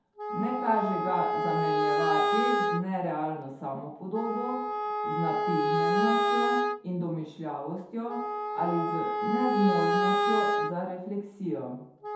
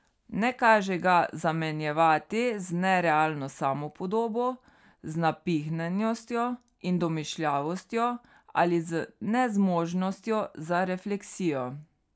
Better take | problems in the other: second | background sound (Wind instrument, woodwind instrument); 2 dB above the speech // room echo; dies away in 0.8 s

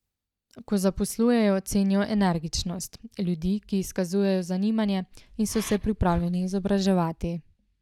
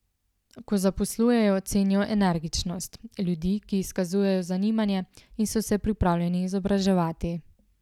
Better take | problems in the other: second | noise reduction (neural mask model DeepFilterNet 3)

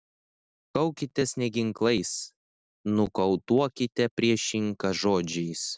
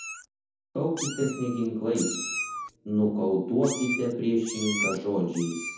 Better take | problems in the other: first | background sound (Meow); 8 dB below the speech // room echo; dies away in 0.7 s

